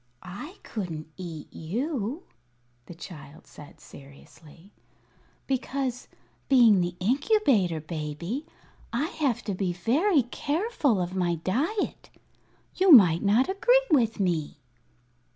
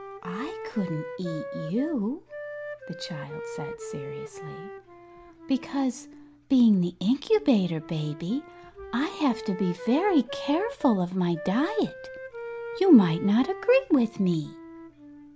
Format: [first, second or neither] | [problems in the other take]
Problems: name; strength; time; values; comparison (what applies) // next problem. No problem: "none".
first | background sound (Wind instrument, woodwind instrument); 13 dB below the speech